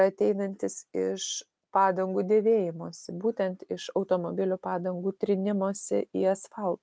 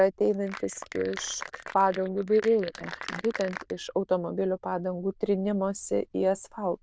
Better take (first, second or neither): first